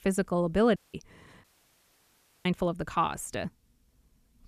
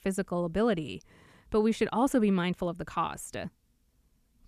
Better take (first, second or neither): second